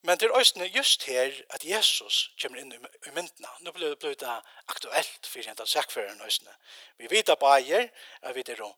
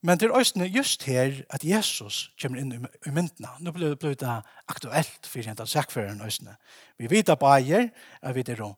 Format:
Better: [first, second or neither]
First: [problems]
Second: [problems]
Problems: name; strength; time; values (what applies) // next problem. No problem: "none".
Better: second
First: thin; very; fading below 450 Hz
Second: none